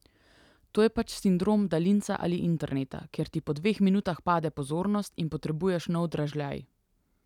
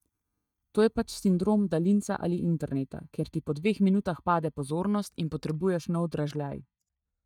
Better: first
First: none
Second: noise reduction (neural mask model DeepFilterNet 3)

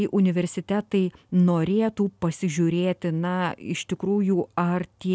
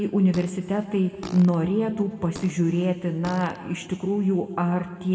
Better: first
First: none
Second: background sound (Fart); 20 dB below the speech // room echo; dies away in 1.9 s

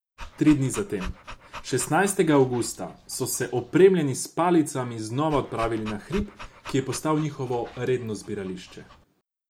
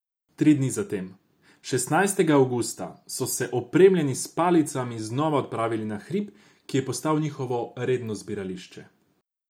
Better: second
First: background sound (Dog); 16 dB below the speech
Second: none

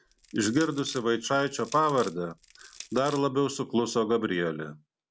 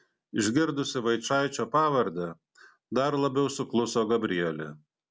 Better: second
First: background sound (Crushing); 20 dB below the speech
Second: none

